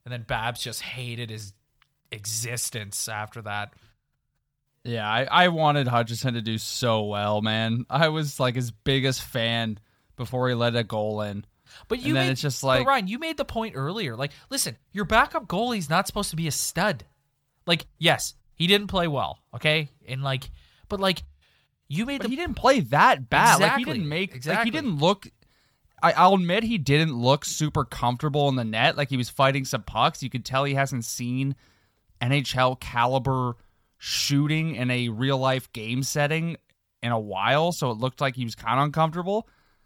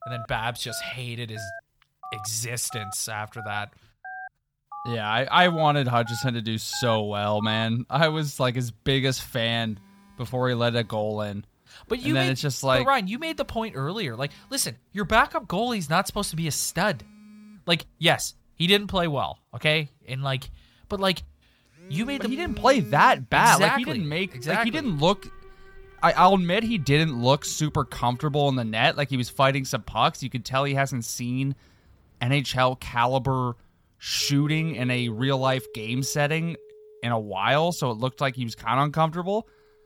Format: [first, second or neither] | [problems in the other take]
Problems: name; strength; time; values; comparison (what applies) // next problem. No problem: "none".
first | alarms or sirens; noticeable; throughout; 20 dB below the speech